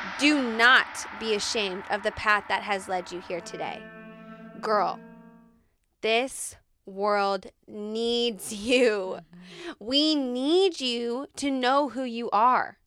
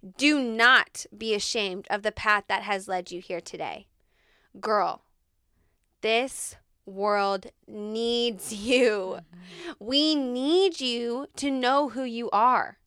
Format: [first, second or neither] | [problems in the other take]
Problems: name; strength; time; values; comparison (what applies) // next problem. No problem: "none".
second | background music; noticeable; until 5.5 s; 15 dB below the speech